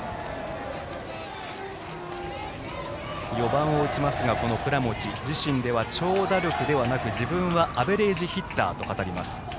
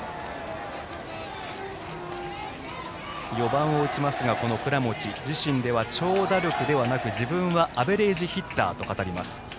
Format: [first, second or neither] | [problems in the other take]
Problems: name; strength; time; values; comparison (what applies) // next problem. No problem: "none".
second | background sound (Wind); 9 dB below the speech